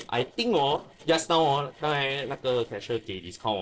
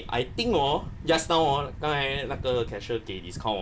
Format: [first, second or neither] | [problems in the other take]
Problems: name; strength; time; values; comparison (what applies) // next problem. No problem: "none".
second | noise reduction (neural separator model SepFormer DNS4)